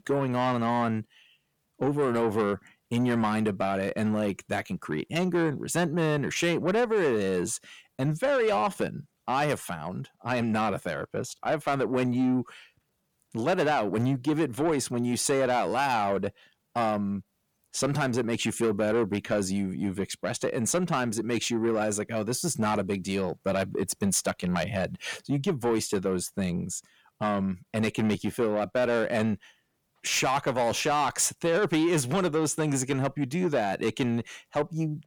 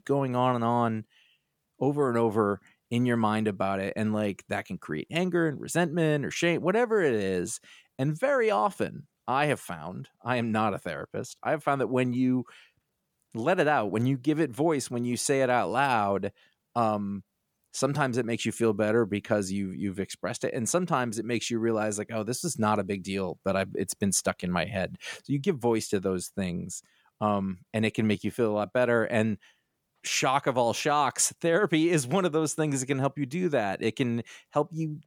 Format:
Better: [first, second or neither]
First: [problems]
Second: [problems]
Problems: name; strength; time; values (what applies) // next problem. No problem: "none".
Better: second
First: distortion; slight; 10 dB below the speech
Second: none